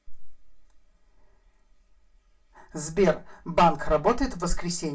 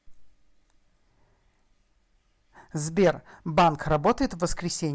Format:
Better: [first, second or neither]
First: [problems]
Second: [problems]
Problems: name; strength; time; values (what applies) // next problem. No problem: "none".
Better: second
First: room echo; dies away in 0.2 s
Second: none